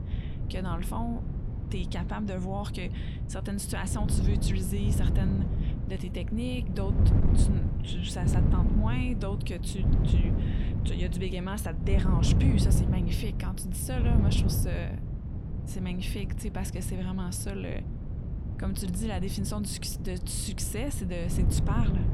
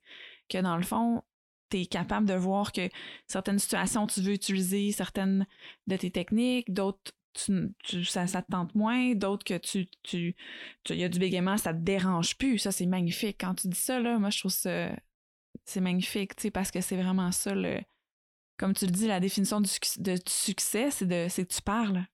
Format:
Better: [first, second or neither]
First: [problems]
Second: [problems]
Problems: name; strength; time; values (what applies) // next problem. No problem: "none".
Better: second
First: wind noise on the microphone; heavy; 3 dB below the speech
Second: none